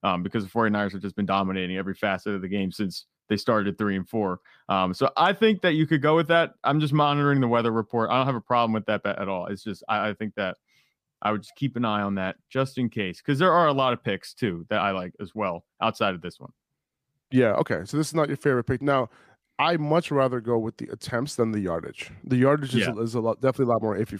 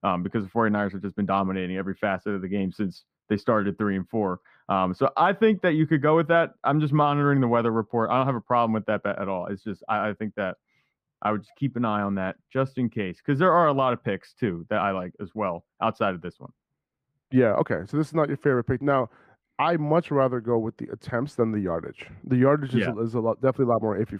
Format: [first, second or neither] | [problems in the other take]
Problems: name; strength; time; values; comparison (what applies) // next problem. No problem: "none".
first | muffled; slightly; fading above 3 kHz